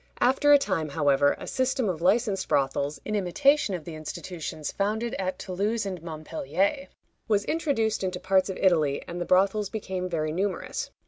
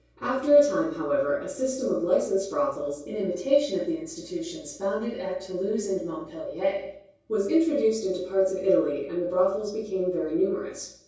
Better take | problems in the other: first | room echo; dies away in 0.6 s

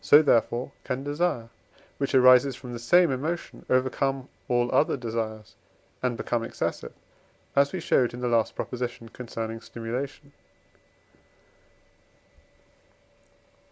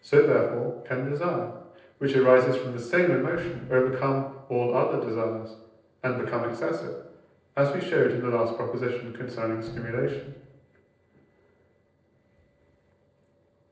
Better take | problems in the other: first | noise reduction (neural separator model SepFormer DNS4)

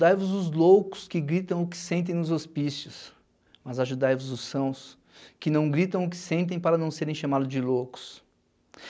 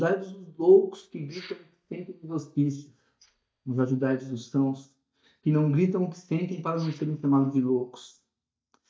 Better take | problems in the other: first | noise reduction (neural mask model DeepFilterNet 3)

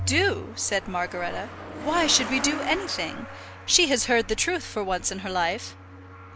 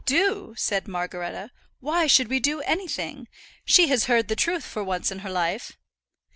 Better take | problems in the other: second | background sound (Truck + Organ); 10 dB below the speech

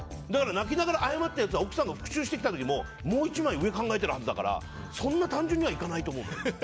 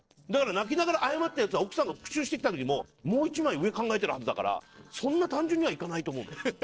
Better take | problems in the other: first | noise reduction (neural separator model SepFormer DNS4)

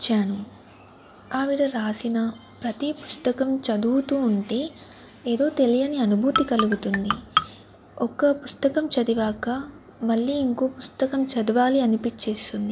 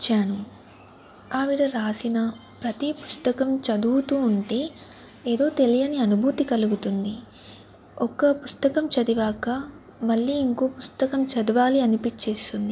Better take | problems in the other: second | background sound (Marimba, xylophone); 2 dB below the speech

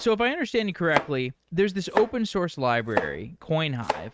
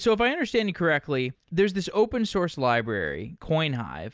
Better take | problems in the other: second | noise reduction (neural mask model RNNoise)

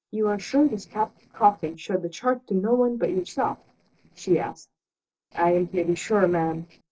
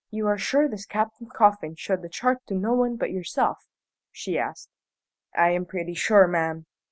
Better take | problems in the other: second | noise reduction (neural separator model SepFormer DNS4)

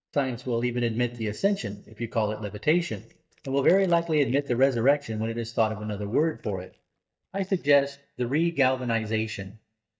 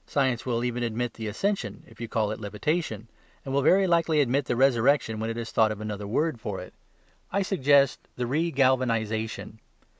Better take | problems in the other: second | noise reduction (neural mask model DeepFilterNet 3)

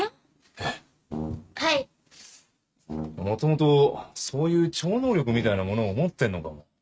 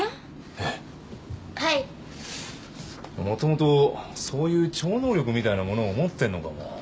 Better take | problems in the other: second | noise reduction (neural mask model RNNoise)

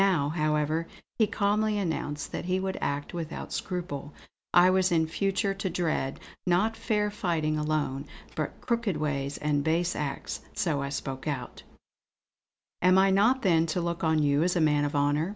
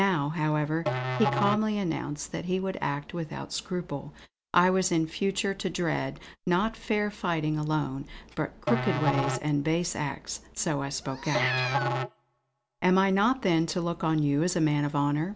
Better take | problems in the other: first | background sound (Musical instrument + Meow); 5 dB below the speech

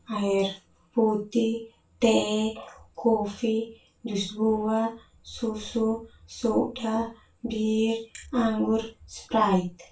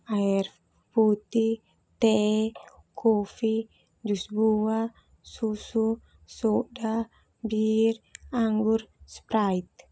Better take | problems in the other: second | room echo; dies away in 0.2 s

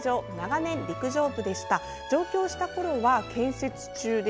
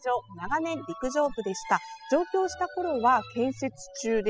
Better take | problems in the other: first | noise reduction (classical method spectral subtraction)

